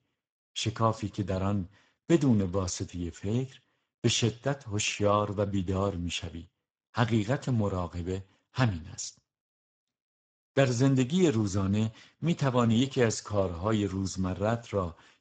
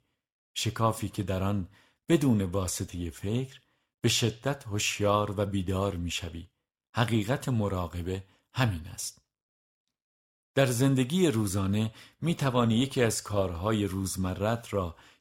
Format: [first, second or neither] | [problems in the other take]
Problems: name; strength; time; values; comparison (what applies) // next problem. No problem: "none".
second | garbled, watery; badly; nothing above 7.5 kHz